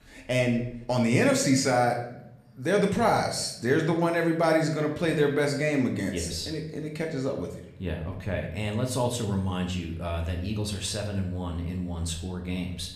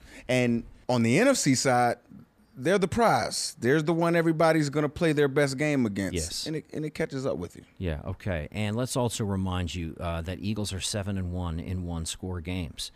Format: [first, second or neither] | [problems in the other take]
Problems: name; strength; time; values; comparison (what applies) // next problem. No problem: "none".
second | room echo; slight; dies away in 0.6 s // off-mic speech; somewhat distant